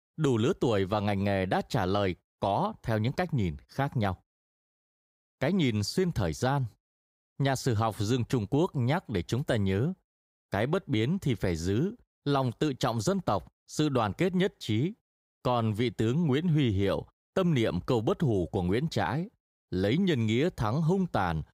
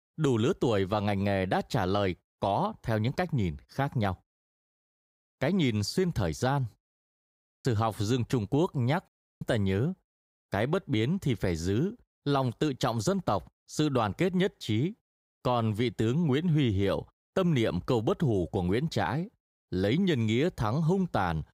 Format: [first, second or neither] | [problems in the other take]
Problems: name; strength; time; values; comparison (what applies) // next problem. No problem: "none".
first | audio cutting out; at 7.5 s and at 9 s